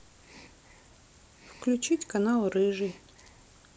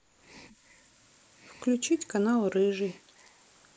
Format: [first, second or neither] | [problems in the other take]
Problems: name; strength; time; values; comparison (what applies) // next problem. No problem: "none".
first | noise reduction (neural mask model Resemble Enhance denoiser)